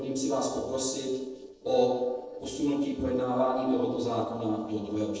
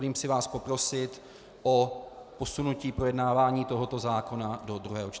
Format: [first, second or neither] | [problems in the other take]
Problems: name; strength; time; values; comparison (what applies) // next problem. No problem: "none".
second | noise reduction (neural separator model SepFormer DNS4)